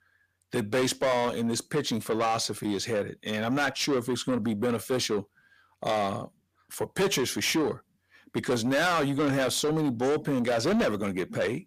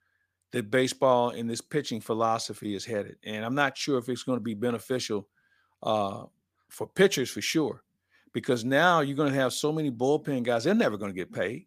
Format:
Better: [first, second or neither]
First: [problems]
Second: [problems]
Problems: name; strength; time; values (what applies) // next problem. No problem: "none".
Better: second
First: distortion; heavy; 6 dB below the speech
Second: none